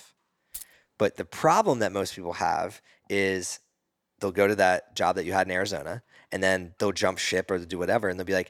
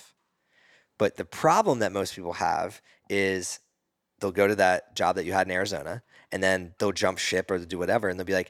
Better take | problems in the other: second | jangling keys; faint; at 0.5 s; peak 15 dB below the speech

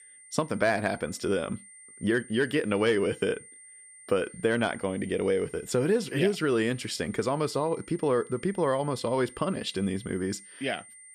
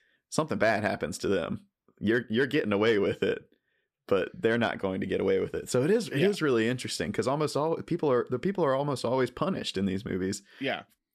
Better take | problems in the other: second | high-pitched whine; noticeable; throughout; 9 kHz, 20 dB below the speech

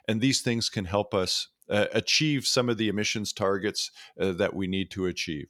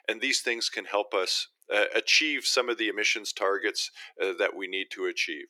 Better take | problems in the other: first | thin; very; fading below 350 Hz

